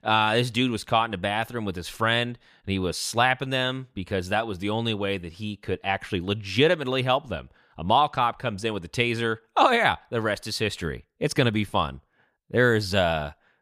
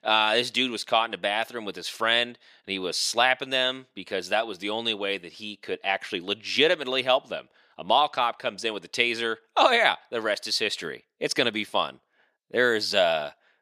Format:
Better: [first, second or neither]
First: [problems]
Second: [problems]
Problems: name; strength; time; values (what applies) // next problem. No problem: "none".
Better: first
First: none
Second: thin; somewhat; fading below 350 Hz